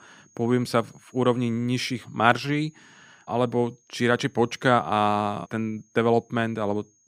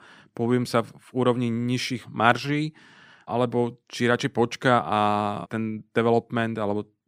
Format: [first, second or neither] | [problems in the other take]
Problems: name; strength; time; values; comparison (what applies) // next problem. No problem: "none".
second | high-pitched whine; faint; throughout; 6.5 kHz, 35 dB below the speech